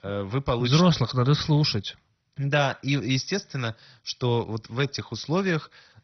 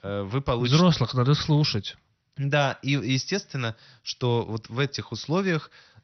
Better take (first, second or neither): second